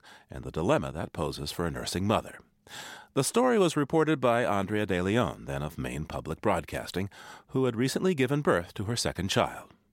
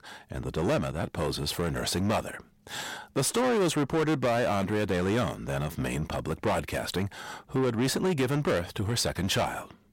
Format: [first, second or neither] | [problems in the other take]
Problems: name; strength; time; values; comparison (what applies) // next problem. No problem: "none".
first | distortion; heavy; 7 dB below the speech